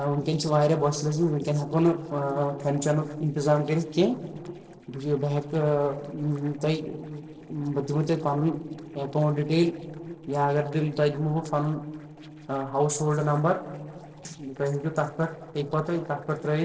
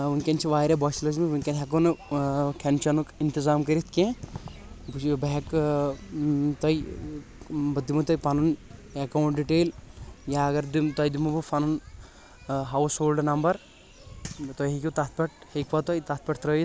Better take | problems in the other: second | noise reduction (neural separator model SepFormer DNS4)

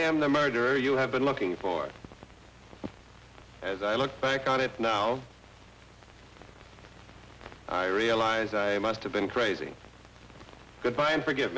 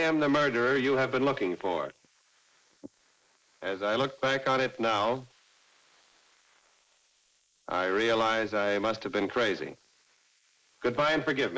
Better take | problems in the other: first | noise reduction (neural mask model Resemble Enhance denoiser)

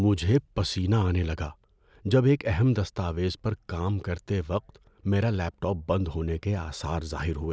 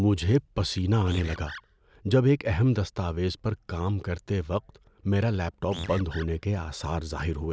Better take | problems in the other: first | background sound (Animal); 13 dB below the speech

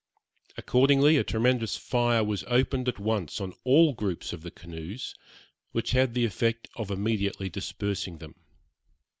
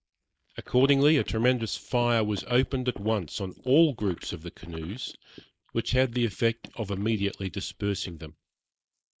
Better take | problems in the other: first | noise reduction (neural mask model Resemble Enhance denoiser)

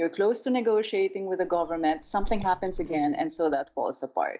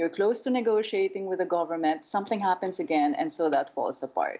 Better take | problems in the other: second | noise reduction (neural mask model DeepFilterNet 3)

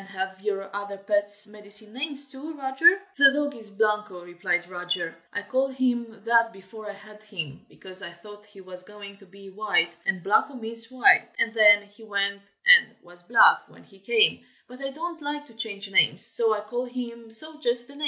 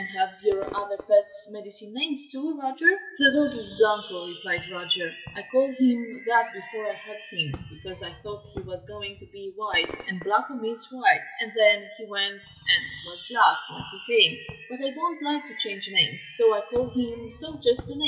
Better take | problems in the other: first | noise reduction (classical method WPE with log-MMSE)

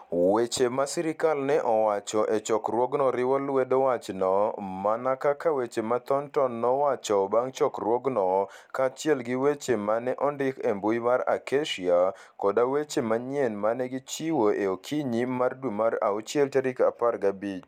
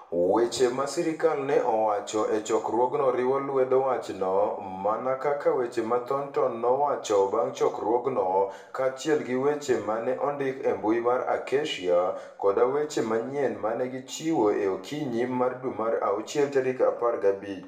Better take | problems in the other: first | room echo; dies away in 0.6 s

